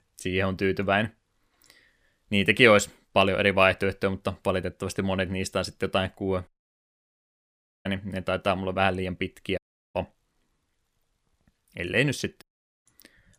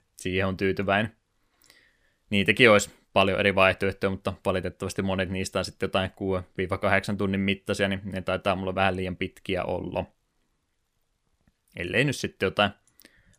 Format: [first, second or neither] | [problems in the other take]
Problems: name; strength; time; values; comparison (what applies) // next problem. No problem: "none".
second | audio cutting out; at 6.5 s for 1.5 s, at 9.5 s and at 12 s